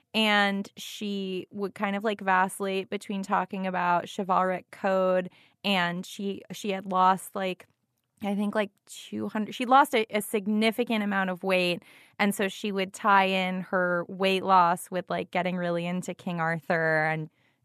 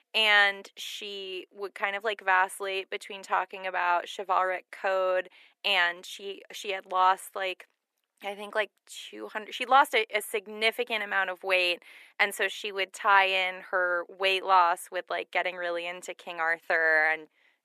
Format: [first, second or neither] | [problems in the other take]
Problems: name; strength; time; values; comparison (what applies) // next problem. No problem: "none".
first | thin; very; fading below 350 Hz